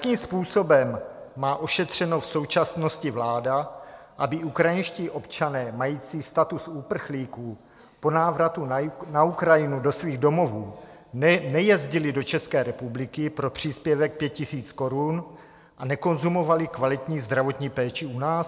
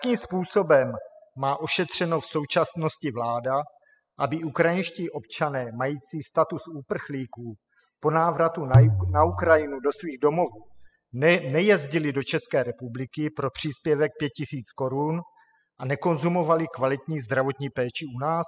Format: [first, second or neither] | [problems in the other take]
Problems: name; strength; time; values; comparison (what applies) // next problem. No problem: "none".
first | noise reduction (classical method spectral subtraction)